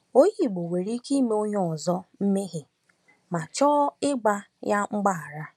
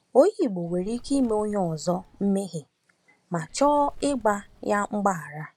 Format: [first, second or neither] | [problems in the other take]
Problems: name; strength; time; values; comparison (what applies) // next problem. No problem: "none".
first | background sound (Bird); 20 dB below the speech